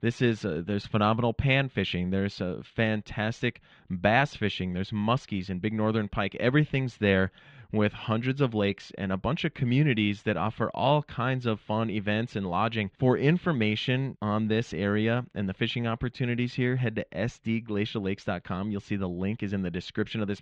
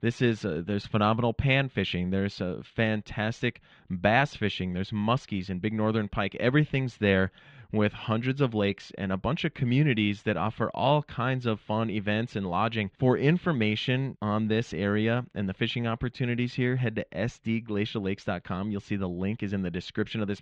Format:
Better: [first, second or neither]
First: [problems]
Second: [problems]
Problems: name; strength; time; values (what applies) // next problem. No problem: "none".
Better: neither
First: muffled; very; fading above 3 kHz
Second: muffled; very; fading above 3 kHz